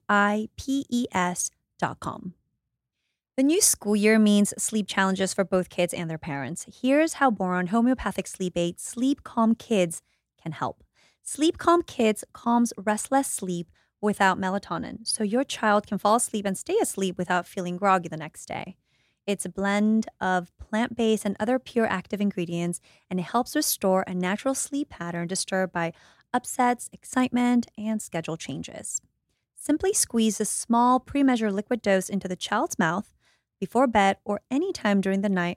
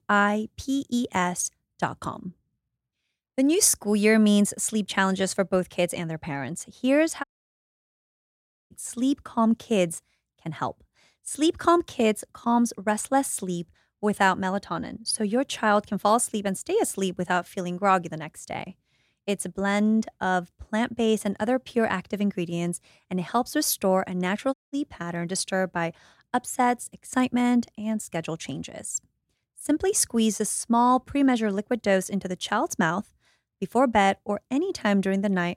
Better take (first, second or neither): first